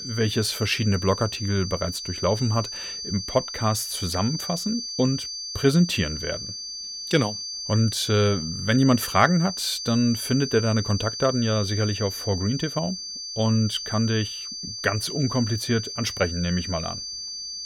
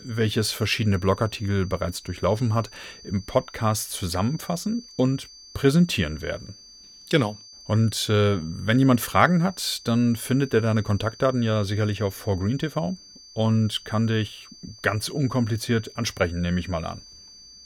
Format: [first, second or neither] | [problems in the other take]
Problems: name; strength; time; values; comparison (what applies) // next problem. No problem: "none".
second | high-pitched whine; loud; throughout; 4.5 kHz, 6 dB below the speech; faint in the second